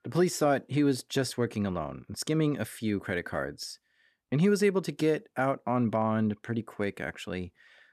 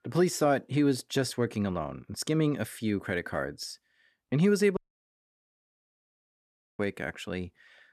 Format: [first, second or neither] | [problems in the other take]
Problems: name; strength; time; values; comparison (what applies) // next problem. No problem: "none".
first | audio cutting out; at 5 s for 2 s